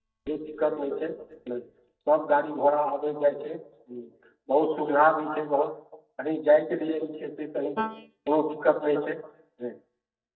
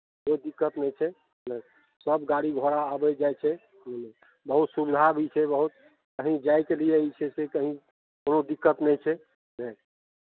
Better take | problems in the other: second | noise reduction (neural mask model DeepFilterNet 3)

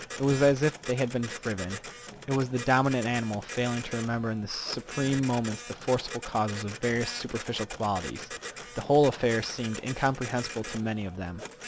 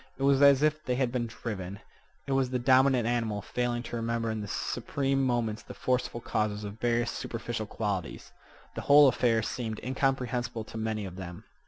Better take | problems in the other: second | background sound (Printer); 12 dB below the speech

